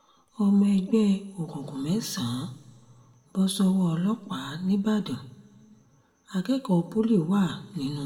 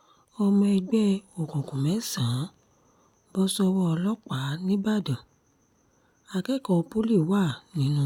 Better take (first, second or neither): second